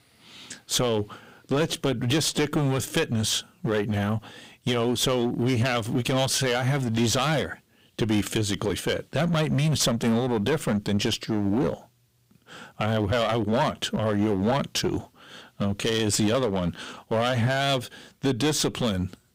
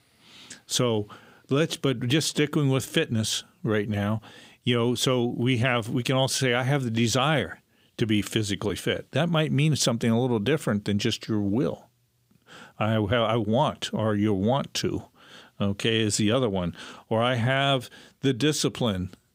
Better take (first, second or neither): second